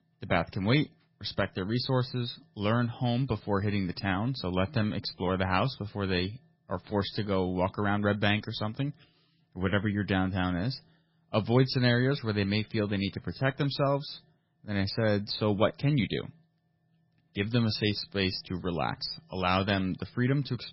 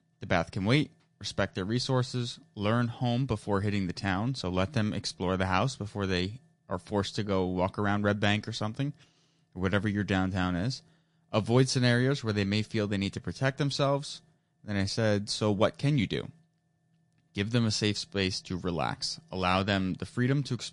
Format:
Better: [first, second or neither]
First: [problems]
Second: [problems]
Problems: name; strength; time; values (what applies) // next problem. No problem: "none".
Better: second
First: garbled, watery; badly; nothing above 5.5 kHz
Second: garbled, watery; slightly; nothing above 10 kHz